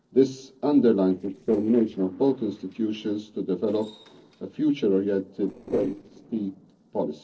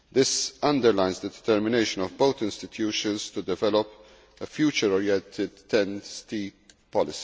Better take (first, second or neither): second